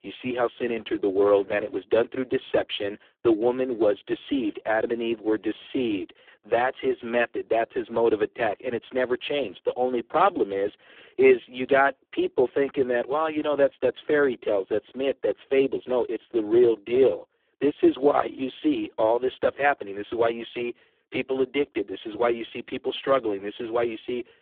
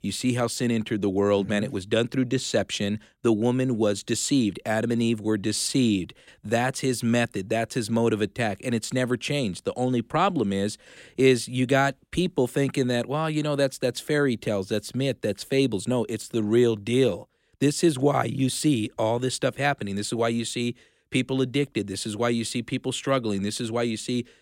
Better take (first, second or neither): second